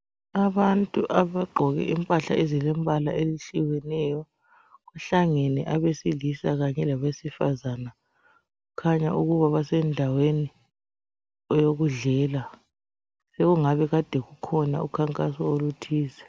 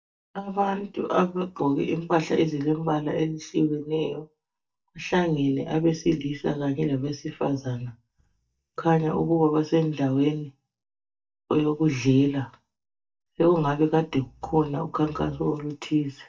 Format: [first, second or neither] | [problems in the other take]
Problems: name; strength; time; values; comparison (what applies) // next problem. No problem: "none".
first | noise reduction (neural mask model DeepFilterNet 3)